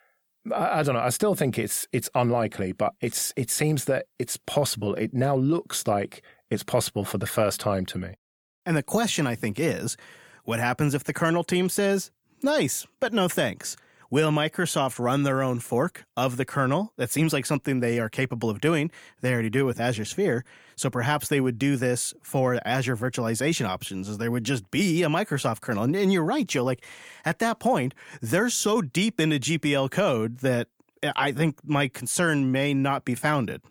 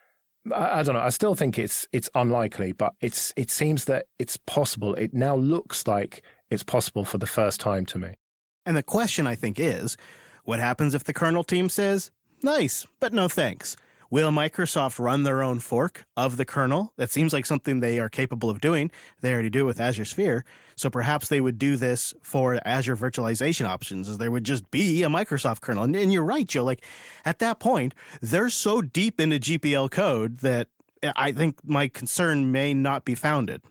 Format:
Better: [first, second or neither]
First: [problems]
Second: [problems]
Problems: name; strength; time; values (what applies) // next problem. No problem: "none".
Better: first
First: none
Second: garbled, watery; slightly